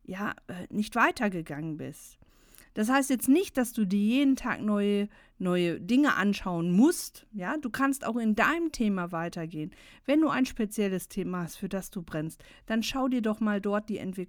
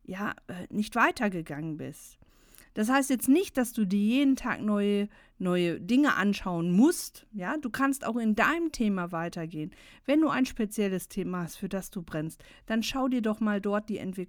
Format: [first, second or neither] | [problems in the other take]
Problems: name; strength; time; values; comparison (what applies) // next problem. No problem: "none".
neither | none